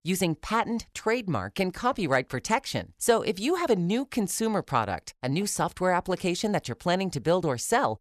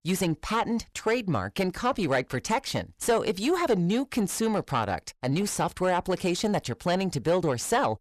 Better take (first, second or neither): first